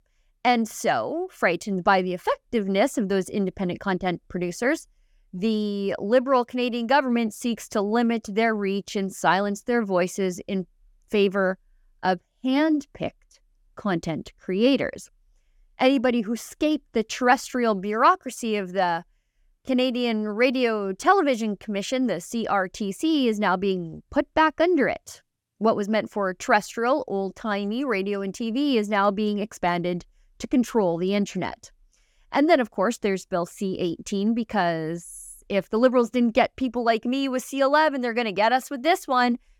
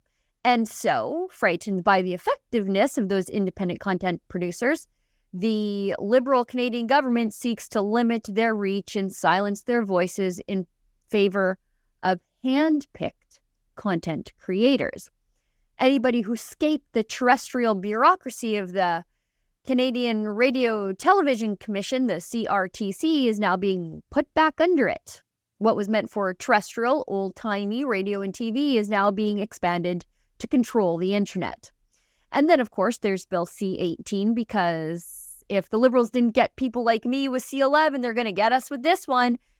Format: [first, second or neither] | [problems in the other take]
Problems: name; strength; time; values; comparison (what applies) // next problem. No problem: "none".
first | garbled, watery; slightly; nothing above 17.5 kHz